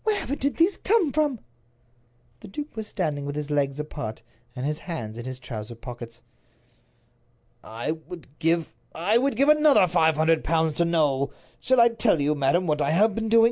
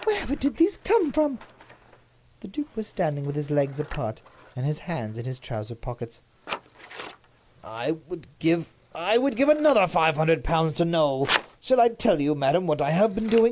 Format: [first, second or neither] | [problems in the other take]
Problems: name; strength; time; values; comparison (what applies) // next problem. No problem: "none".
first | background sound (Scissors); 16 dB below the speech